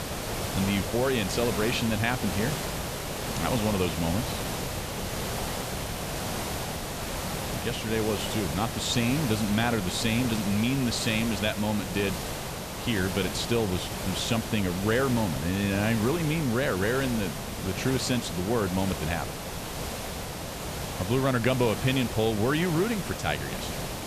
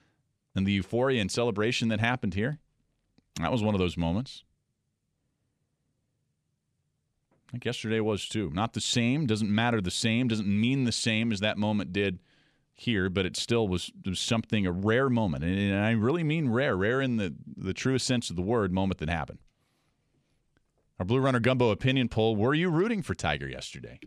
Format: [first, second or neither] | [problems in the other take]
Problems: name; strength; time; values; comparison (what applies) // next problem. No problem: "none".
second | hiss; loud; throughout; 5 dB below the speech